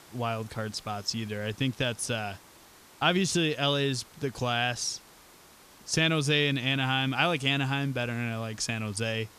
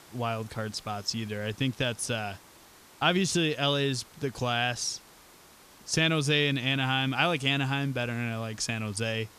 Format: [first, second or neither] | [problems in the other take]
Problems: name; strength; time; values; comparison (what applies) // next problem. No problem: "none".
neither | hiss; faint; throughout; 25 dB below the speech; the same in both